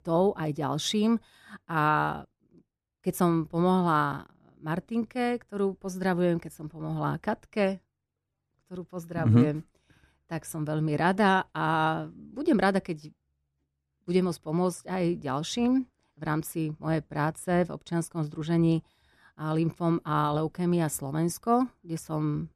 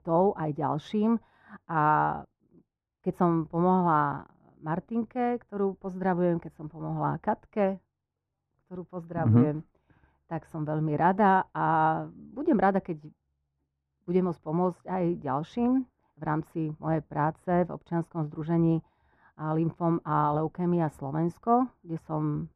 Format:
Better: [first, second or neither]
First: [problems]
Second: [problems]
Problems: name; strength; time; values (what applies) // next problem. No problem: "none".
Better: first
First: none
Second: muffled; very; fading above 3 kHz